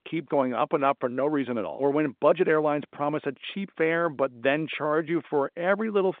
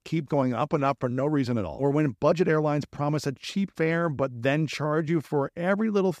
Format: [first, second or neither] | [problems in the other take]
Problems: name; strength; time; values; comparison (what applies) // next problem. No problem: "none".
second | phone-call audio